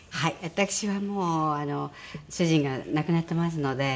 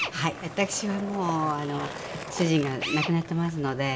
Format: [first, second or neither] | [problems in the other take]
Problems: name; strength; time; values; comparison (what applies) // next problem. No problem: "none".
first | background sound (Skateboard + Drill); 8 dB below the speech